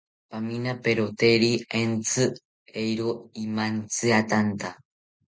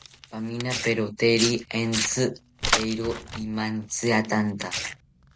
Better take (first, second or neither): first